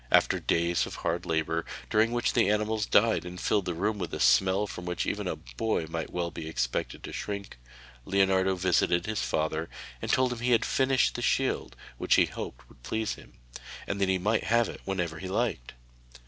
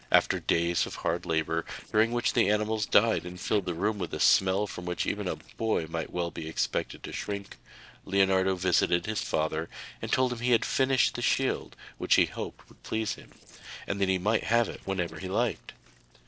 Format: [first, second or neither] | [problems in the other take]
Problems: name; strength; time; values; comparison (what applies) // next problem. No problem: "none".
first | noise reduction (neural separator model SepFormer DNS4)